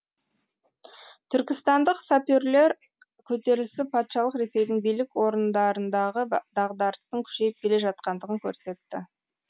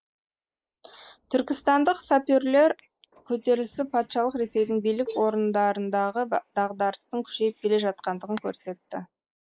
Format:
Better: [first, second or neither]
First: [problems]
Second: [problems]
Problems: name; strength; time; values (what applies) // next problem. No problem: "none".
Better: first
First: none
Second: noise reduction (neural mask model Resemble Enhance denoiser)